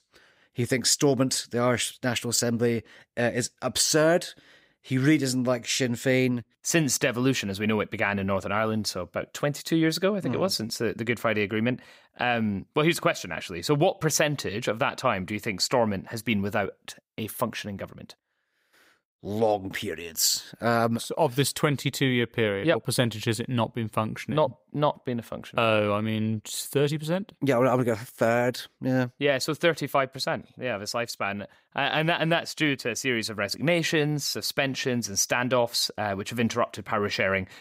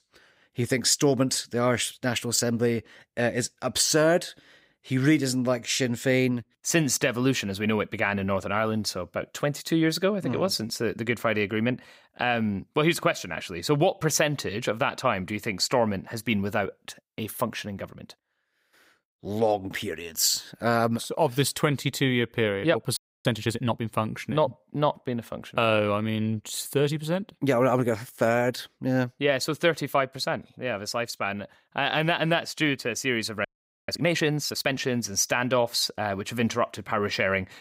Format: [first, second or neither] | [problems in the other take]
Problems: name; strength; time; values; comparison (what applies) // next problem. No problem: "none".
first | audio freezing; at 23 s and at 33 s